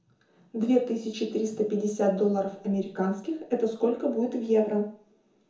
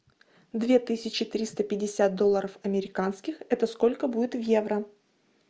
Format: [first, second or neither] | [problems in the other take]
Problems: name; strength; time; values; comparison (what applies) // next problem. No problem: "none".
second | room echo; dies away in 0.6 s